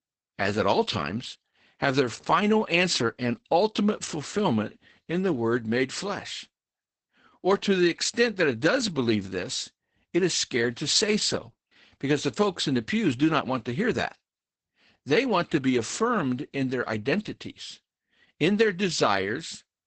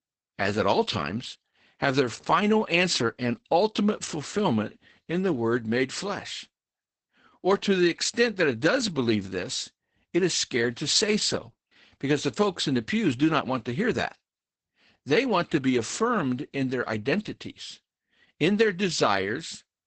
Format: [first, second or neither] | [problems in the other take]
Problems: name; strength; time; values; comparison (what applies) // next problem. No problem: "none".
neither | garbled, watery; badly; nothing above 8 kHz; the same in both